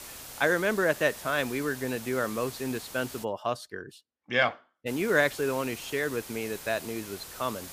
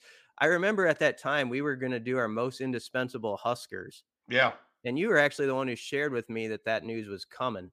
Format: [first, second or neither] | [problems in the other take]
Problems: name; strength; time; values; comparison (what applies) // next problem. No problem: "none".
second | hiss; noticeable; until 3 s and from 5 s on; 10 dB below the speech